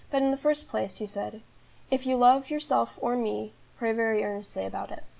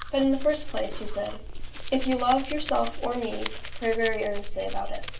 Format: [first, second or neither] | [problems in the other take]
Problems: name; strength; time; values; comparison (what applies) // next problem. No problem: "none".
first | background sound (Domestic sounds, home sounds); 2 dB below the speech // room echo; dies away in 0.3 s